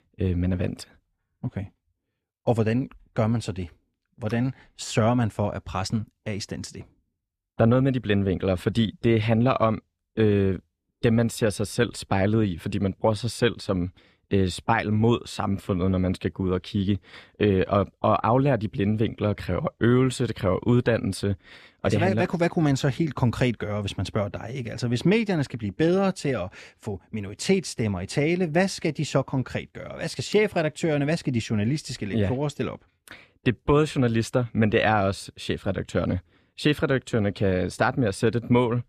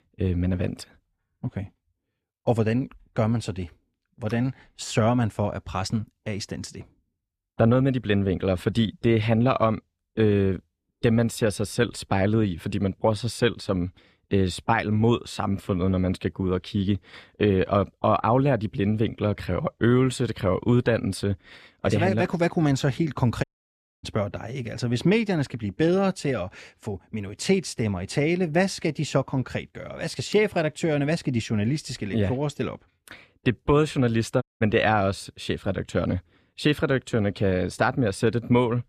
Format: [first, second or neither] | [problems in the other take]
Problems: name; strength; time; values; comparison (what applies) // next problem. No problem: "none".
first | audio cutting out; at 23 s for 0.5 s and at 34 s